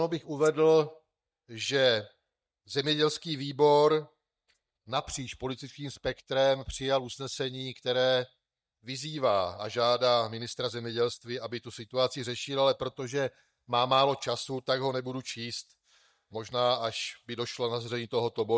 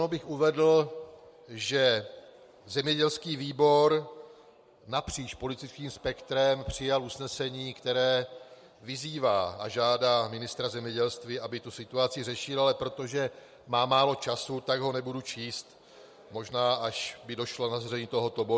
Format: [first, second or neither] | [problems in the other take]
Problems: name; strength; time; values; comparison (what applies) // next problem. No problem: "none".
second | noise reduction (neural mask model DeepFilterNet 3)